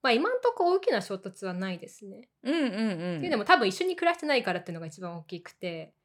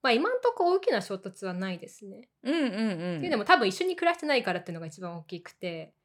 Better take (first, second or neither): neither